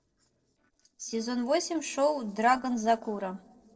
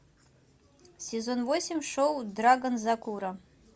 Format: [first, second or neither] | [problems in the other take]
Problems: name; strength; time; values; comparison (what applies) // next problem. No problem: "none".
second | noise reduction (neural separator model SepFormer DNS4)